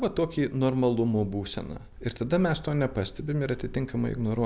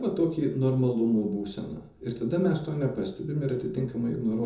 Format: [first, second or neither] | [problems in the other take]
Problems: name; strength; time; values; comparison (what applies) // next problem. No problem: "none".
first | room echo; dies away in 0.5 s